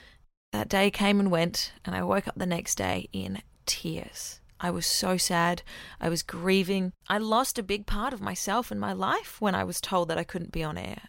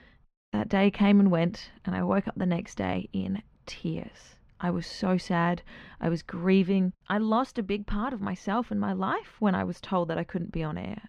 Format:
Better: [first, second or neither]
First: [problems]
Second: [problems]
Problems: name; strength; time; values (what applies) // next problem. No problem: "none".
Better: first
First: none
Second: muffled; slightly; fading above 2.5 kHz